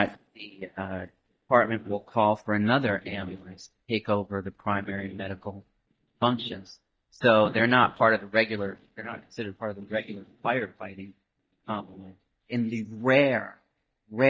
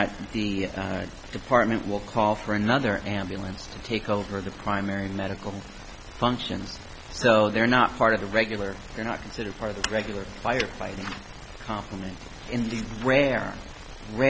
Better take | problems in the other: second | noise reduction (neural mask model DeepFilterNet 3)

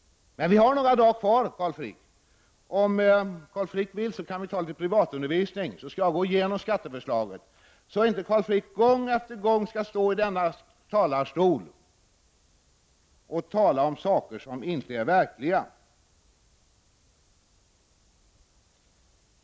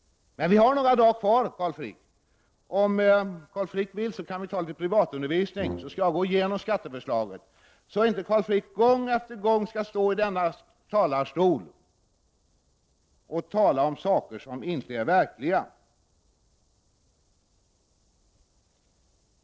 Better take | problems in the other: first | noise reduction (neural separator model SepFormer DNS4)

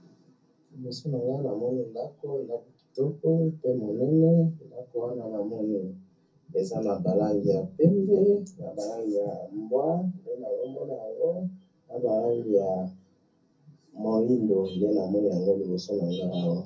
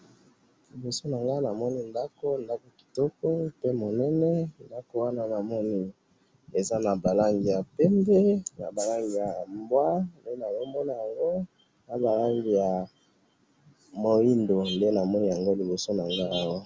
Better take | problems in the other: second | room echo; dies away in 0.3 s

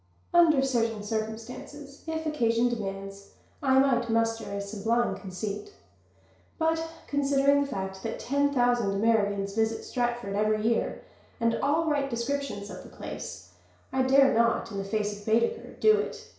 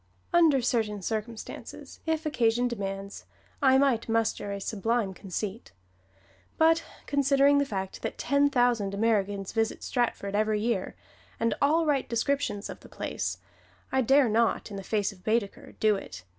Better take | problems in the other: second | room echo; dies away in 0.6 s

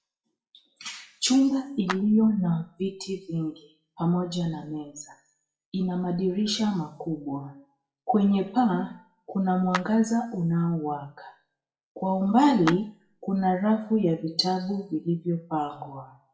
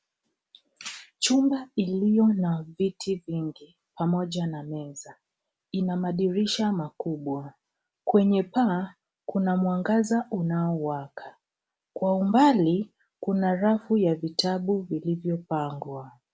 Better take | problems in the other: second | noise reduction (classical method WPE with log-MMSE)

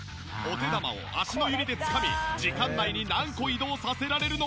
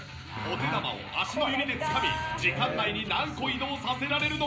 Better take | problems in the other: first | background sound (Fireworks); 19 dB below the speech // room echo; dies away in 0.5 s

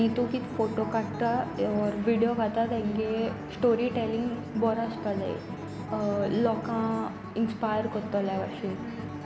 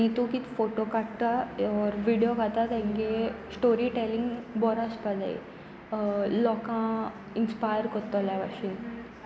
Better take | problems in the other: second | background sound (Acoustic guitar); 10 dB below the speech

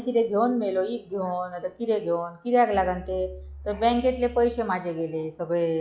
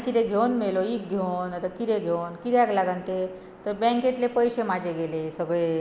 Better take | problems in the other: second | noise reduction (classical method log-MMSE)

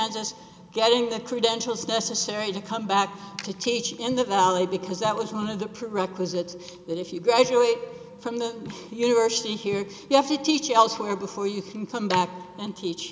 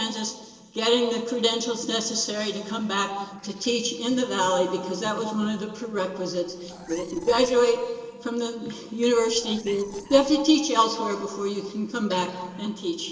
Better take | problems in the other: first | noise reduction (neural separator model SepFormer DNS4)

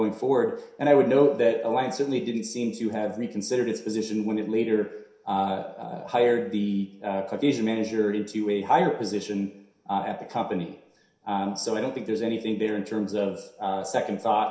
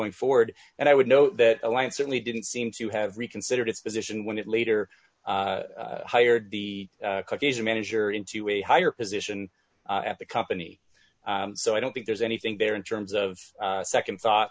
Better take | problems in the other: second | room echo; dies away in 0.7 s

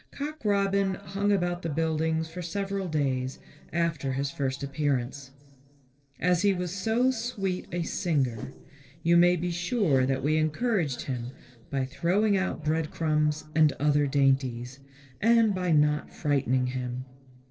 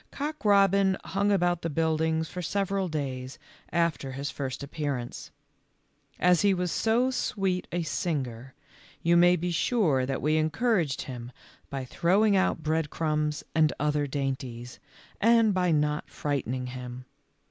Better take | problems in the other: second | noise reduction (neural separator model SepFormer DNS4)

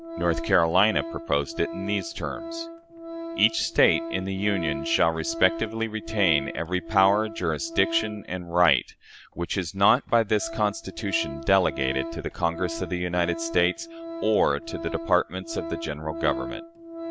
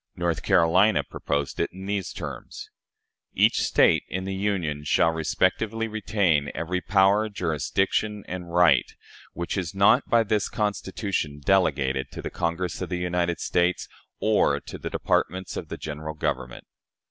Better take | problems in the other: second | background sound (Organ); 10 dB below the speech

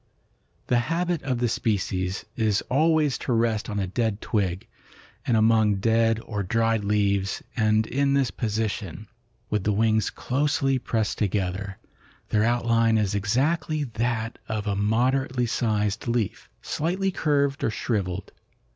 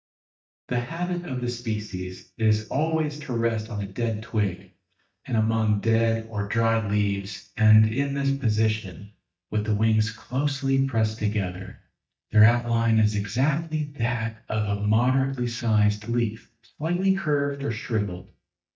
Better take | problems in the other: first | noise reduction (neural mask model DeepFilterNet 3)

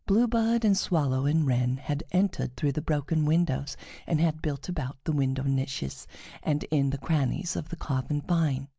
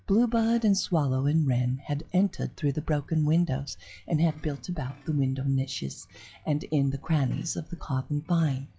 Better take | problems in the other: first | noise reduction (classical method log-MMSE)

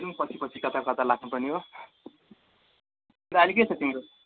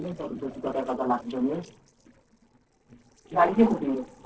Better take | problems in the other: first | noise reduction (neural separator model SepFormer DNS4)

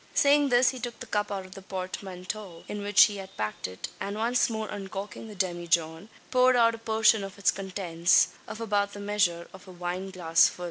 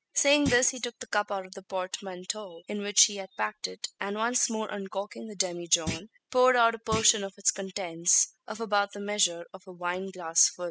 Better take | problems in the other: first | noise reduction (classical method spectral subtraction)

